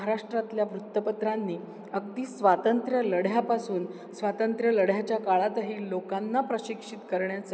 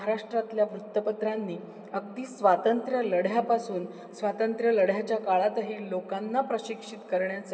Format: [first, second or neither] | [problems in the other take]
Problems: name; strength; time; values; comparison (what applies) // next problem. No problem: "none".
first | room echo; dies away in 0.8 s